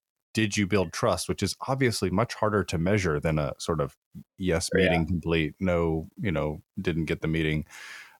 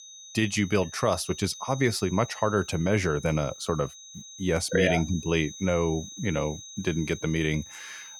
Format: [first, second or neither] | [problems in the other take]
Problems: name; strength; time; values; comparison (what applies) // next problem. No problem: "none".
first | high-pitched whine; noticeable; throughout; 6.5 kHz, 15 dB below the speech